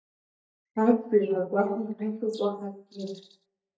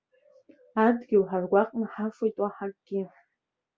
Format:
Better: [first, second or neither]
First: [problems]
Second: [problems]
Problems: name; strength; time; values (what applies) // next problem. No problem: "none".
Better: second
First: noise reduction (neural mask model DeepFilterNet 3)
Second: none